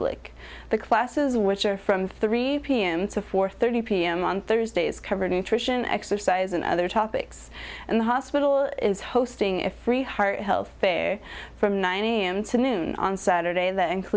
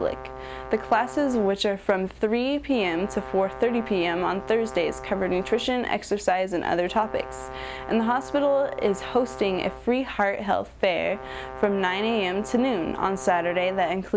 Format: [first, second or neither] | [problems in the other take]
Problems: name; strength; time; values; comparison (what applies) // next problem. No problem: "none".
first | background sound (Brass instrument); 14 dB below the speech